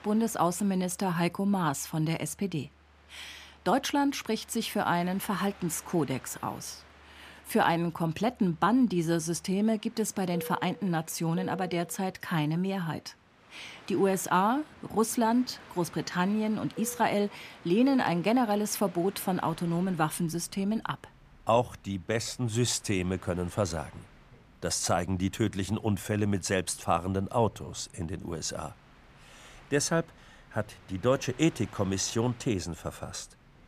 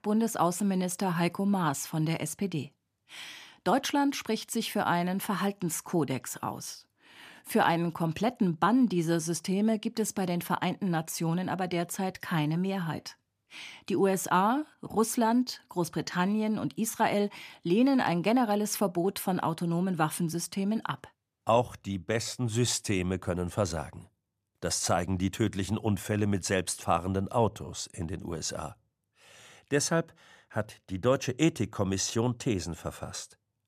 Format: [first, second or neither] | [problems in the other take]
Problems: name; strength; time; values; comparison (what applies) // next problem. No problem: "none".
second | train or aircraft noise; faint; throughout; 20 dB below the speech